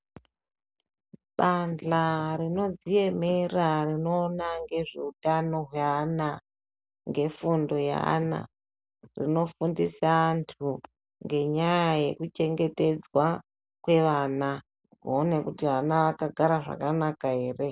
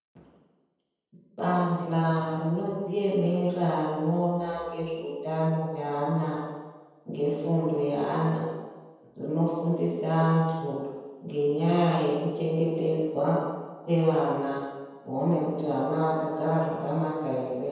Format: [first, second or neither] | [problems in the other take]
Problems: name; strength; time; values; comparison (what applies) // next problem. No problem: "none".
first | room echo; dies away in 1.2 s